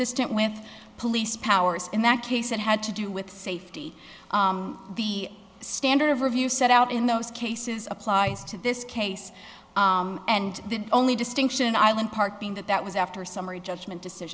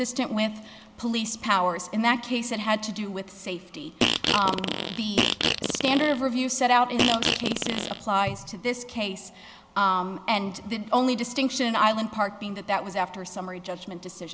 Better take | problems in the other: first | background sound (Fart); as loud as the speech

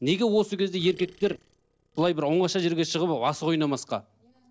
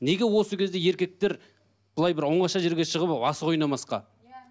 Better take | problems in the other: second | noise reduction (neural separator model SepFormer DNS4)

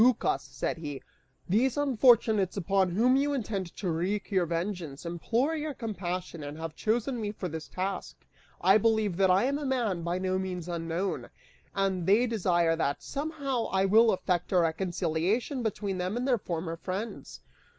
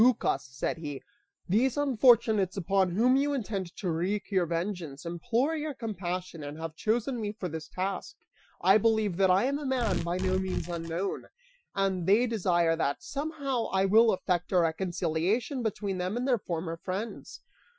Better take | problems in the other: first | noise reduction (classical method Wiener filter)

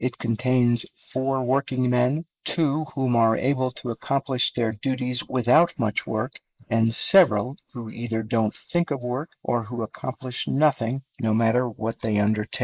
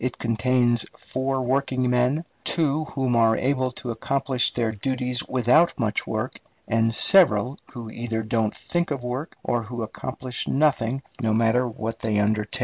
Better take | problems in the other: second | noise reduction (neural mask model Resemble Enhance denoiser)

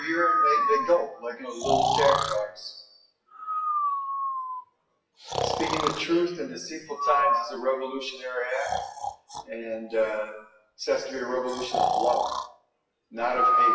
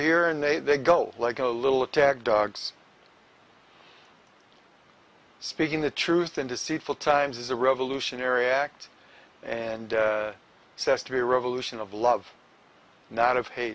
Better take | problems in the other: second | noise reduction (classical method WPE with log-MMSE)

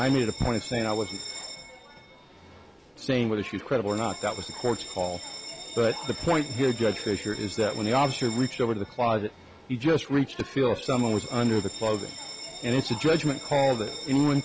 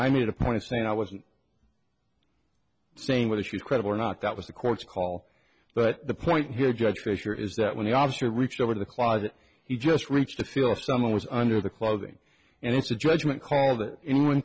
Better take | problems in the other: second | background sound (Bell); 13 dB below the speech

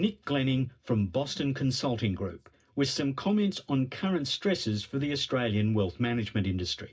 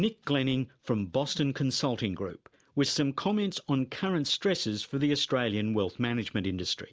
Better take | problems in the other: second | room echo; dies away in 0.4 s

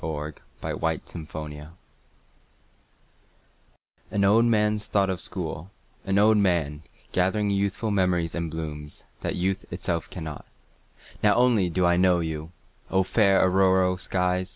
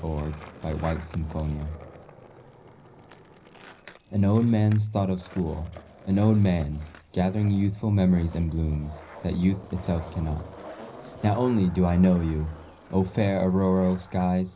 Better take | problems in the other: first | background sound (Skateboard); 20 dB below the speech // room echo; dies away in 0.4 s

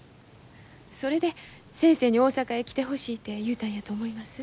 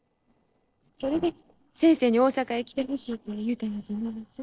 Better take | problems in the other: first | noise reduction (neural separator model SepFormer DNS4)

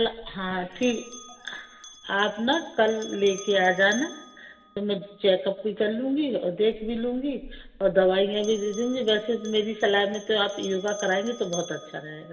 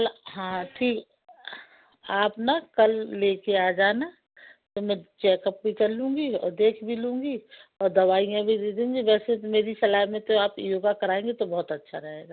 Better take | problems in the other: second | background sound (Bell); 19 dB below the speech // room echo; dies away in 1 s

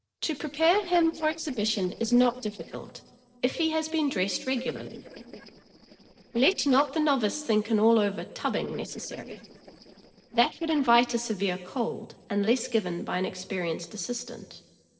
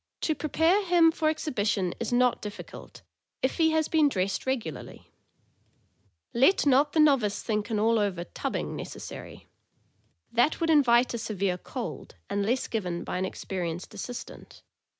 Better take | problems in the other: second | noise reduction (neural separator model SepFormer DNS4)

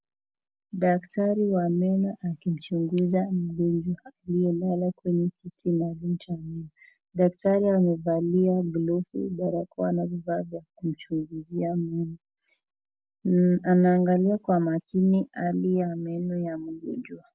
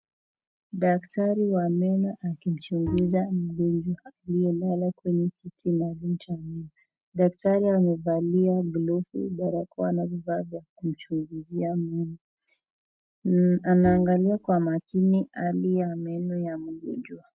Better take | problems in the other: first | noise reduction (neural mask model RNNoise)

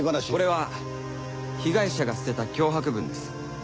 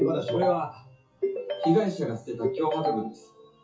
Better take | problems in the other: first | noise reduction (classical method WPE with log-MMSE)

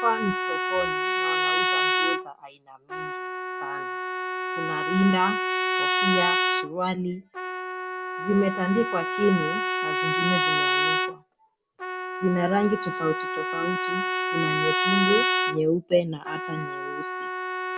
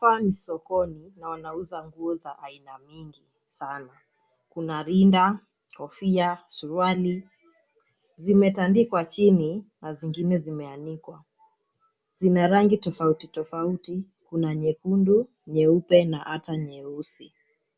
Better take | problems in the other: second | background sound (Trumpet); 1 dB above the speech

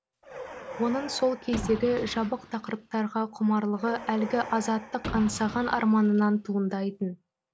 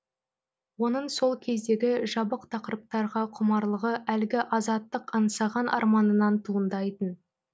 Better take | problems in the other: second | background sound (Car); 13 dB below the speech

